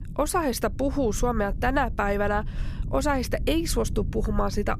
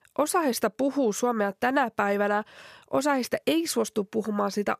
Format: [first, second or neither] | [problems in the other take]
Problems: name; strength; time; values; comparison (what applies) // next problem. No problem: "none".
second | low rumble; faint; throughout; 20 dB below the speech